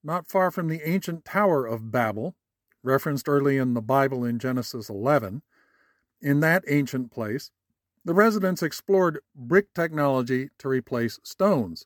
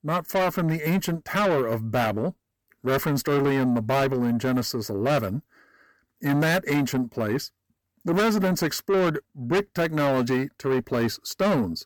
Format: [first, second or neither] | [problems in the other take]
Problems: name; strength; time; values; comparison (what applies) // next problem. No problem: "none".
first | distortion; heavy; 6 dB below the speech